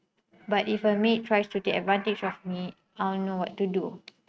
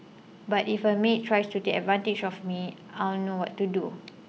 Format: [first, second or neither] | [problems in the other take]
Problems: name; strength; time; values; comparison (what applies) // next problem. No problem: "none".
second | noise reduction (neural mask model RNNoise)